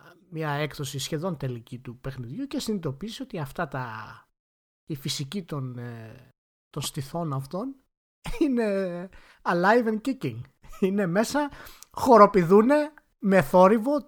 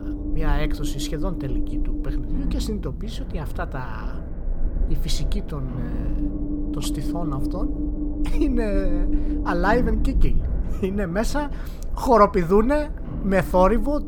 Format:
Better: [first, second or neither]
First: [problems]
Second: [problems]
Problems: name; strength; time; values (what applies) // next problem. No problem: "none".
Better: first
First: none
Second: low rumble; noticeable; throughout; 10 dB below the speech